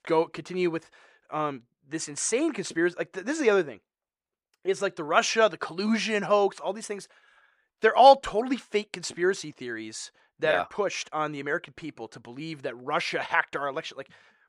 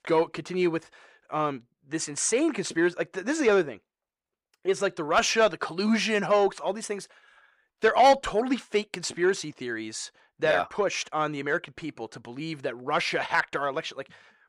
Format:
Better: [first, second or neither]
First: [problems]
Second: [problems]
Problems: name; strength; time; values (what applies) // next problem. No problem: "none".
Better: first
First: none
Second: distortion; slight; 10 dB below the speech